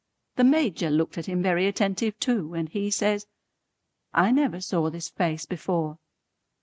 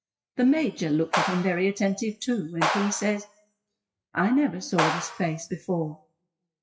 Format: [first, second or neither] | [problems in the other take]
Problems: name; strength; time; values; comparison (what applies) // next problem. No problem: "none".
first | noise reduction (classical method WPE with log-MMSE)